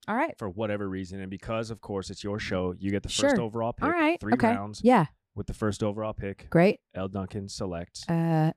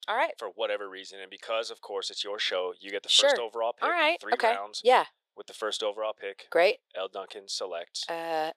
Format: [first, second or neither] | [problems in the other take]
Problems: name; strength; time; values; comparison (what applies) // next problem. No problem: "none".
first | thin; very; fading below 500 Hz